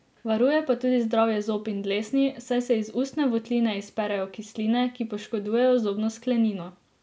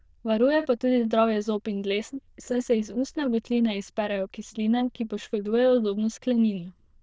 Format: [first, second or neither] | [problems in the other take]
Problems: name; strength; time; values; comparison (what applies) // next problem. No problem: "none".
first | noise reduction (neural diffusion model UNIVERSE++)